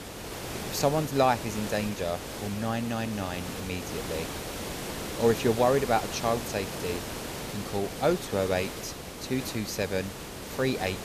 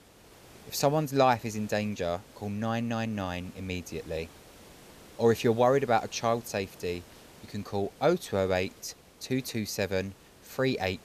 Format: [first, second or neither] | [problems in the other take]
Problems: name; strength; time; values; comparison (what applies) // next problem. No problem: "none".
second | hiss; loud; throughout; 7 dB below the speech; faint in the second